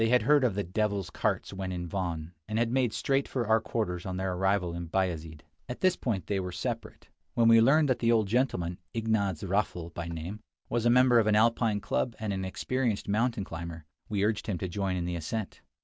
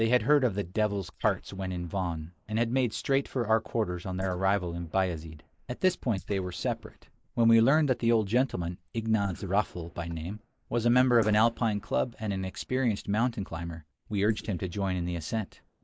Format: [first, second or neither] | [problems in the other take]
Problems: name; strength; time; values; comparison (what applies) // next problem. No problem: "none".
first | noise reduction (neural mask model Resemble Enhance denoiser)